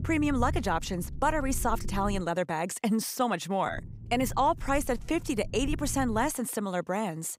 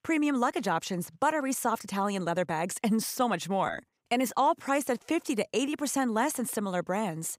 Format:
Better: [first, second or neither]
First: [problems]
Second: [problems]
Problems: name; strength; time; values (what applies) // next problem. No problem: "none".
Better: second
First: low rumble; faint; until 2 s and from 3.5 to 6.5 s; 25 dB below the speech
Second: none